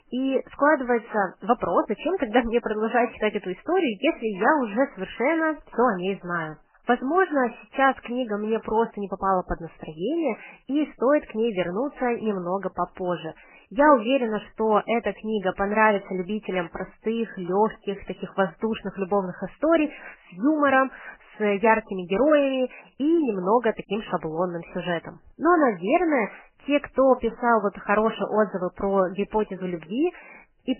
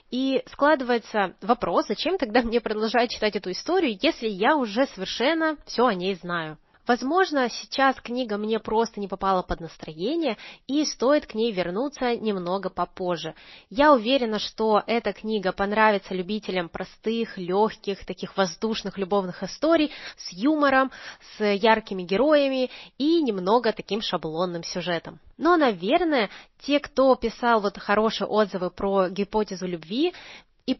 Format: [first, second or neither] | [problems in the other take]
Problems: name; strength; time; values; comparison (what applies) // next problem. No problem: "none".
second | garbled, watery; badly; nothing above 3 kHz; slightly in the second